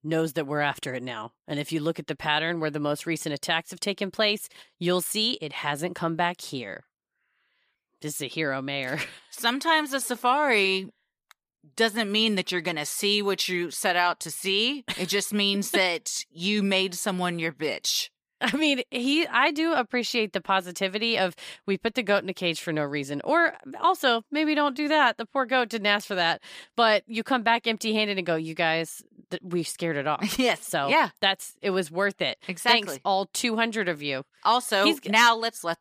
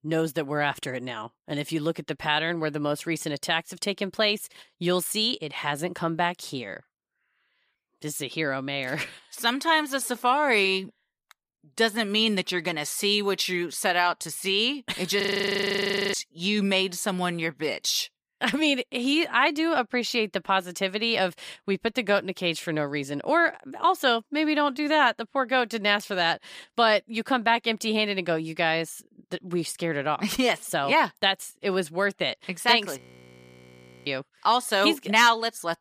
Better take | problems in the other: first | audio freezing; at 15 s for 1 s and at 33 s for 1 s

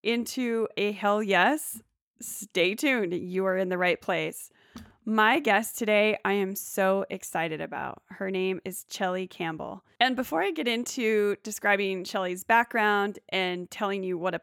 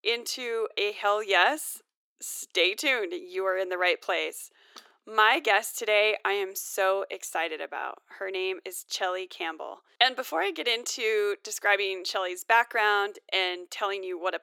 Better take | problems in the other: first | thin; very; fading below 350 Hz

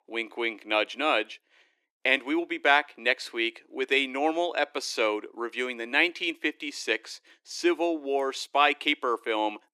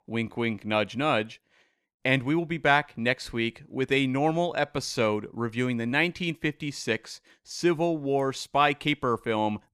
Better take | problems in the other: second | thin; somewhat; fading below 300 Hz

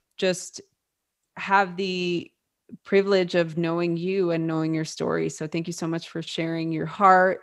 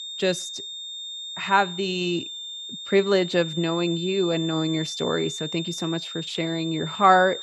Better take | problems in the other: first | high-pitched whine; loud; throughout; 3.5 kHz, 8 dB below the speech

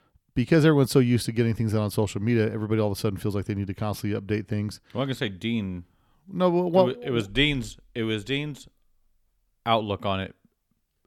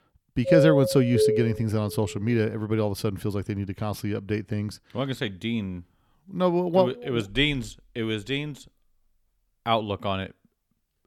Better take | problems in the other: first | doorbell; loud; until 1.5 s; peak 5 dB above the speech

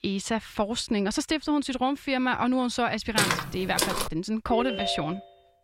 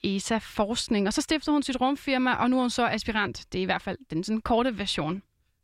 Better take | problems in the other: second | footsteps; loud; at 3 s; peak 3 dB above the speech // phone ringing; noticeable; at 4.5 s; peak 3 dB below the speech

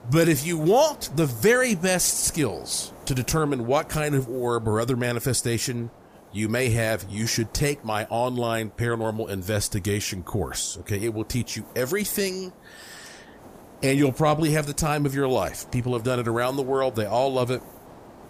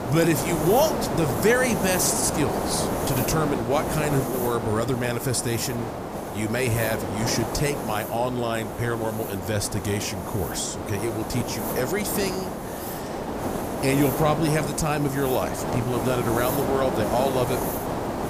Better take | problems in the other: first | hiss; loud; throughout; 3 dB below the speech; faint in the first

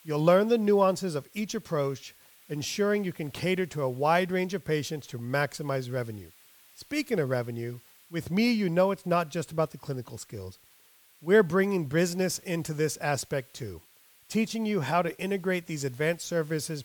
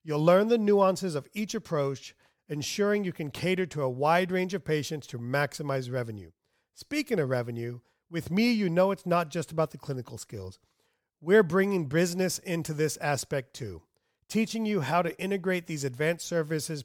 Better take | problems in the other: second | hiss; faint; throughout; 25 dB below the speech

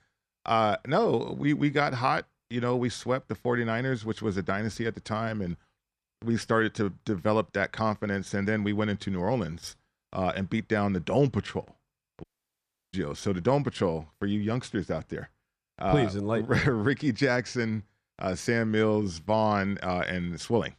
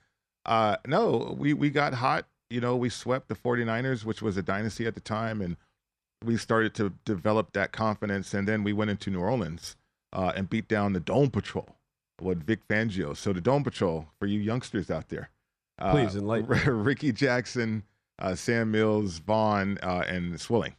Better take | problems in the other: second | audio cutting out; at 12 s for 0.5 s

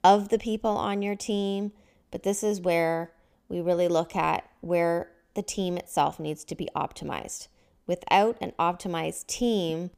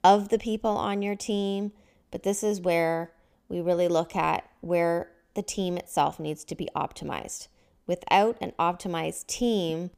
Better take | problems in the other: neither | none

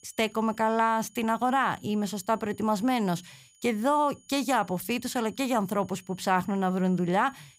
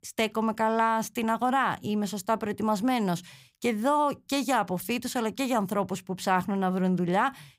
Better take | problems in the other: second | high-pitched whine; faint; throughout; 7 kHz, 30 dB below the speech

